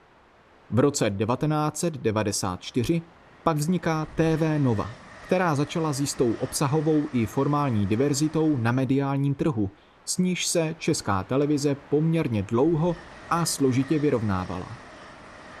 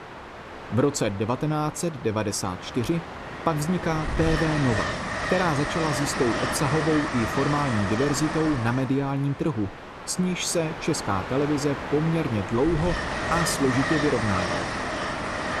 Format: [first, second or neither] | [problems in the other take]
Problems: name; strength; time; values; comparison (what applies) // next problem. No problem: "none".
first | train or aircraft noise; loud; throughout; 4 dB below the speech; faint in the first